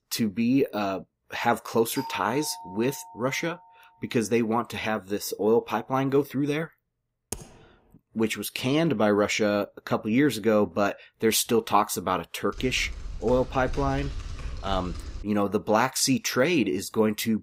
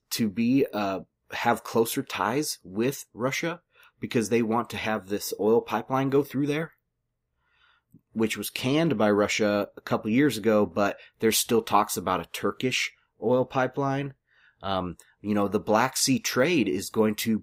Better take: second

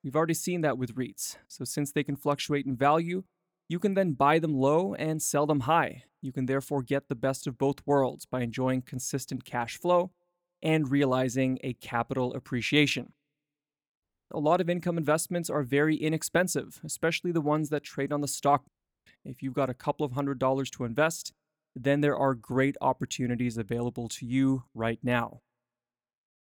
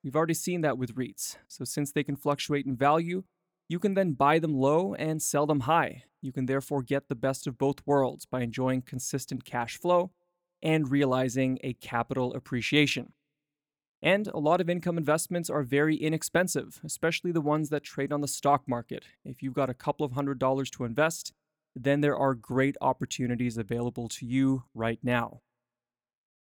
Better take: second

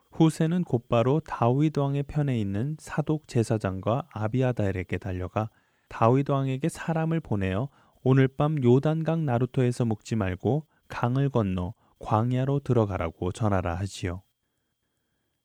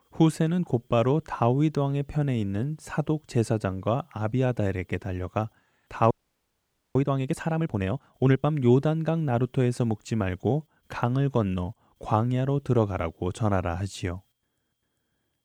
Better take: first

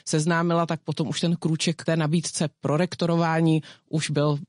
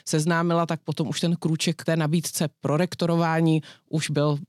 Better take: second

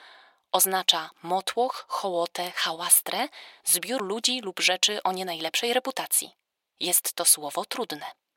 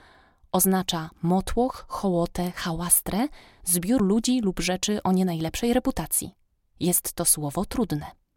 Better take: second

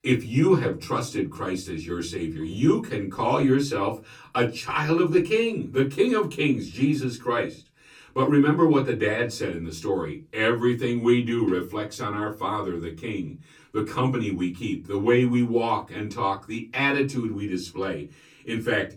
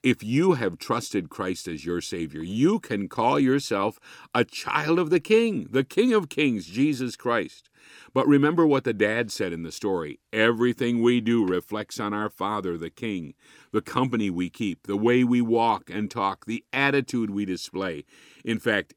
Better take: second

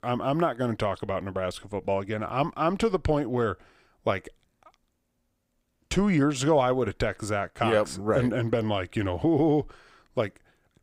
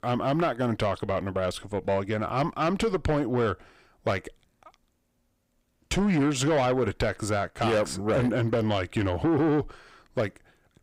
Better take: first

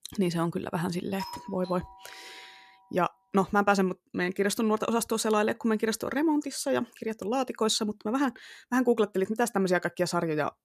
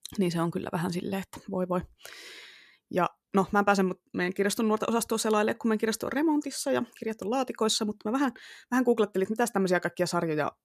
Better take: second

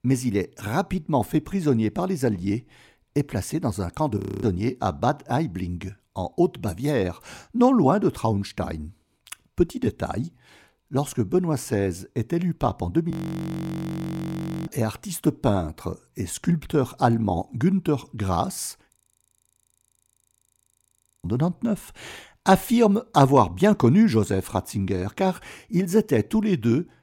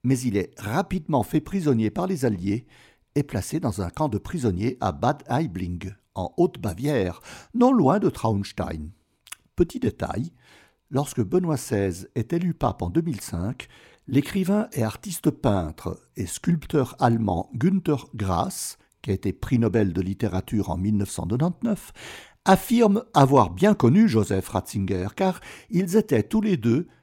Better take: second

